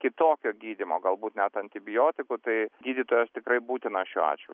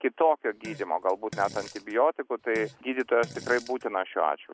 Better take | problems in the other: first | background sound (Fart); 18 dB below the speech

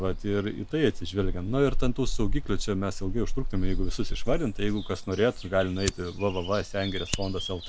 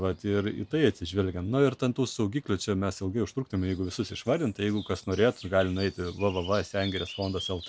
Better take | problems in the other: second | background sound (Fire); as loud as the speech

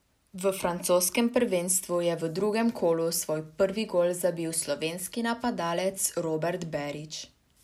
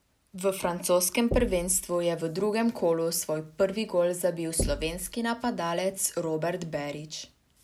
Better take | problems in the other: first | background sound (Knock); 11 dB below the speech

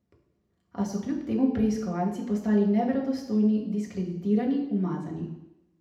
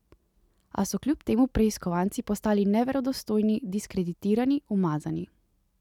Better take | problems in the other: second | room echo; dies away in 0.8 s

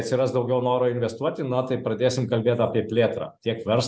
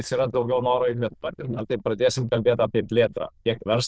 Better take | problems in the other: first | noise reduction (neural diffusion model UNIVERSE++)

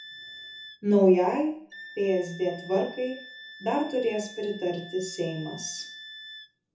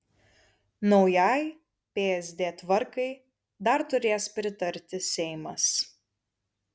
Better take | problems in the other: second | background sound (Wind instrument, woodwind instrument); 17 dB below the speech // room echo; dies away in 0.5 s

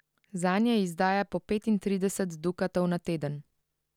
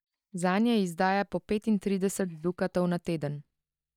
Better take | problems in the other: first | noise reduction (neural mask model DeepFilterNet 3)

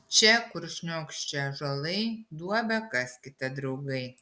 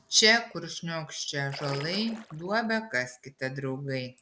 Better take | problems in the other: first | background sound (Splash, splatter); 15 dB below the speech

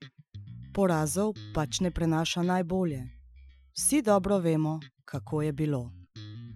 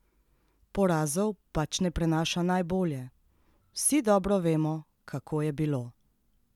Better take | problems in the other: second | noise reduction (classical method Wiener filter)

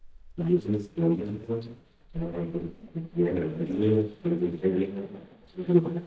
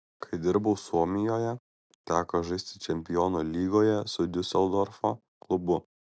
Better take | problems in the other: second | noise reduction (neural mask model DeepFilterNet 3)

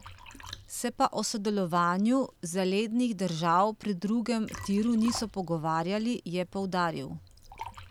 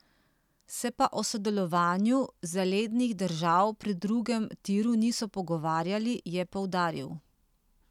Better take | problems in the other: second | background sound (Liquid); 19 dB below the speech

